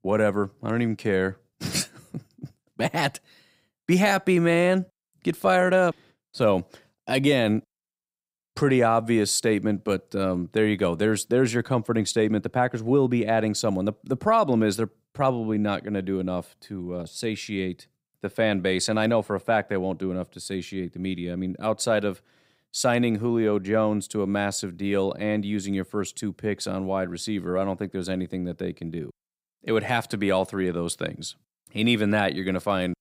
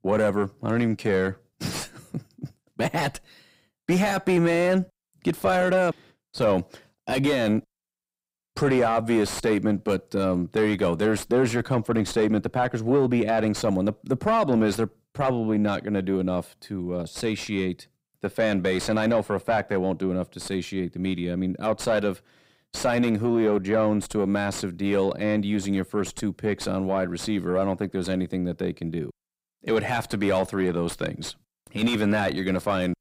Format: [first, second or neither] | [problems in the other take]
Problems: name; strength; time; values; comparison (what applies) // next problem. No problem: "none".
first | distortion; slight; 9 dB below the speech